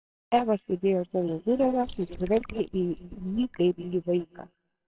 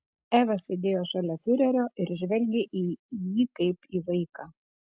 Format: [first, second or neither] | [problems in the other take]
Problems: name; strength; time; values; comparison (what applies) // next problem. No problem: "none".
second | noise reduction (neural separator model SepFormer WHAMR!)